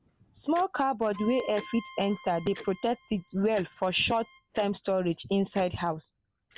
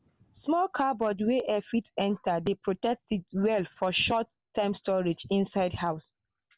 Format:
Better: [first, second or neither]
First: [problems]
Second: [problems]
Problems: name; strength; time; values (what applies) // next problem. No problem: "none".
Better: second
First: background sound (Tick-tock + Bowed string instrument); 19 dB below the speech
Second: none